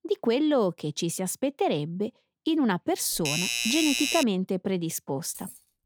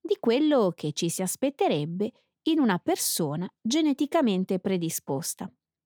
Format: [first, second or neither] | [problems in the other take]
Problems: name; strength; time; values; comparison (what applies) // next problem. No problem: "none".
second | doorbell; loud; from 3 to 4 s; peak 2 dB above the speech // jangling keys; faint; at 5.5 s; peak 15 dB below the speech